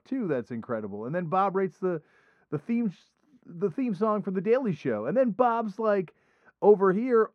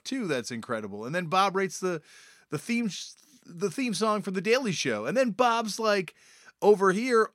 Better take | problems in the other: second | muffled; very; fading above 2.5 kHz

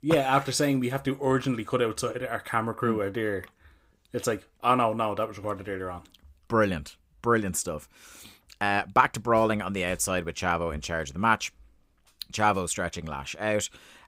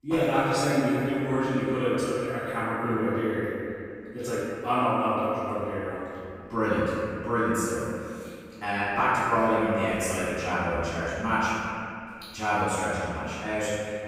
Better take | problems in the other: first | room echo; strong; dies away in 2.4 s // off-mic speech; far

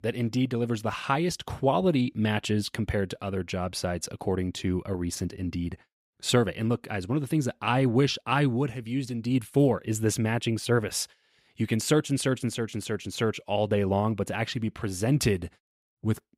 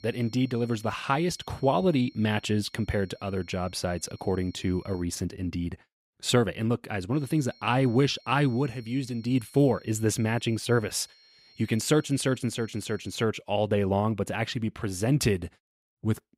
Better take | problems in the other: first | high-pitched whine; faint; until 5 s and from 7 to 13 s; 4 kHz, 25 dB below the speech

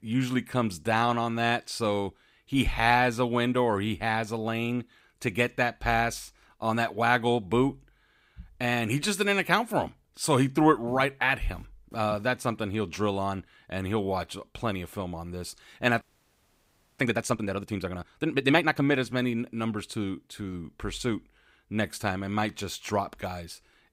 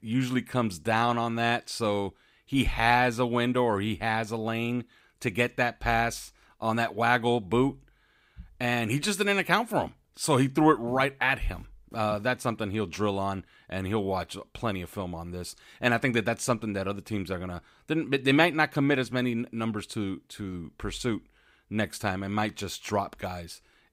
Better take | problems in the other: second | audio freezing; at 16 s for 1 s

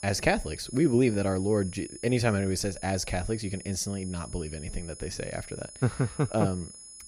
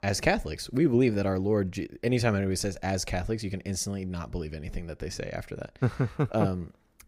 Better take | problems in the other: second | high-pitched whine; noticeable; throughout; 10 kHz, 15 dB below the speech

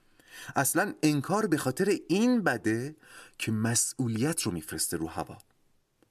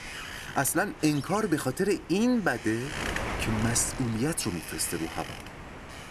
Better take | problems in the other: first | wind noise on the microphone; heavy; 7 dB below the speech

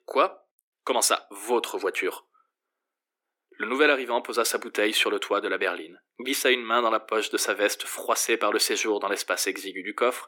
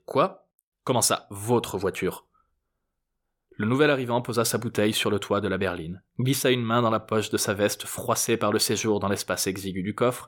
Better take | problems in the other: second | thin; somewhat; fading below 300 Hz

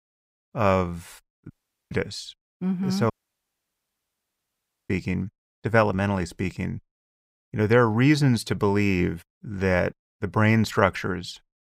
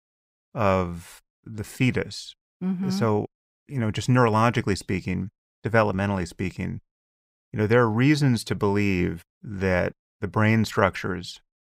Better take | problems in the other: second | audio cutting out; at 1.5 s and at 3 s for 2 s

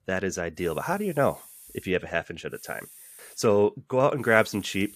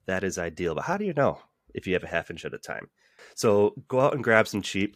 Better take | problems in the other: second | hiss; faint; from 0.5 to 2 s, at 2.5 s and at 4 s; 20 dB below the speech

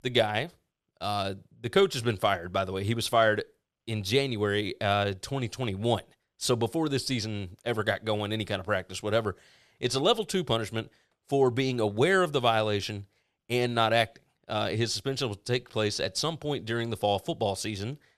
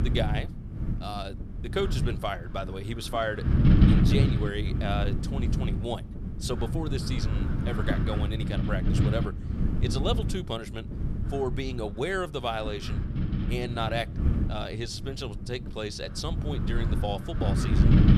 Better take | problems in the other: first | wind noise on the microphone; heavy; 4 dB below the speech

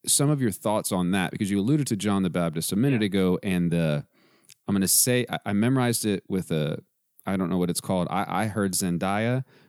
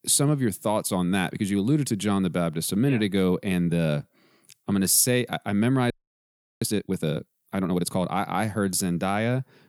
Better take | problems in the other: first | audio freezing; at 6 s for 0.5 s

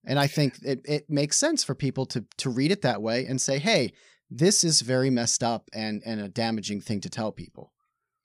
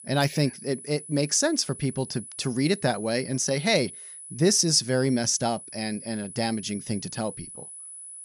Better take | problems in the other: first | high-pitched whine; noticeable; throughout; 10 kHz, 15 dB below the speech

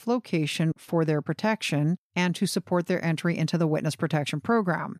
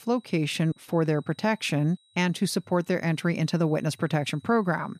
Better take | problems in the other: first | high-pitched whine; faint; throughout; 4 kHz, 35 dB below the speech

